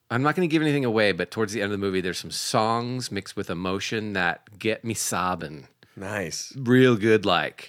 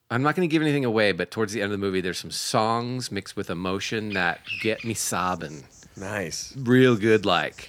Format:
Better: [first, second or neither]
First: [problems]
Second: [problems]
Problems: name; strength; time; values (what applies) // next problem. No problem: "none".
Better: first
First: none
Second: animal sounds; noticeable; from 3 s on; 15 dB below the speech